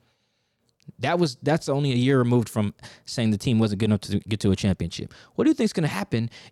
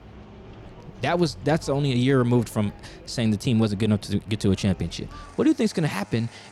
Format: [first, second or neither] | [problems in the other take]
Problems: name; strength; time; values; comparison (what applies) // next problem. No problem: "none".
first | traffic noise; faint; throughout; 20 dB below the speech